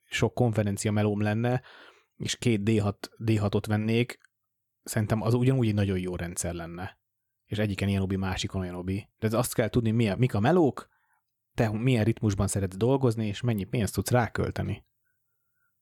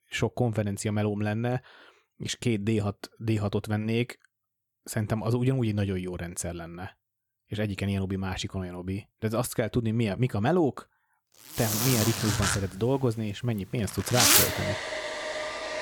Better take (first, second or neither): first